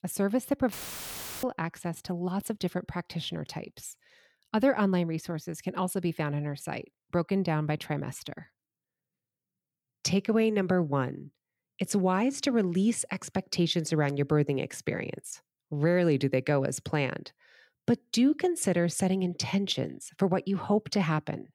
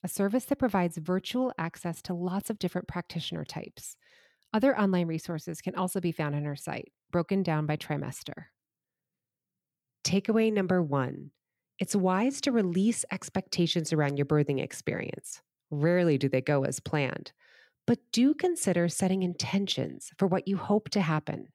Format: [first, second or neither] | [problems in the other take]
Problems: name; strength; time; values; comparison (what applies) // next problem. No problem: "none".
second | audio cutting out; filled with static; at 0.5 s for 0.5 s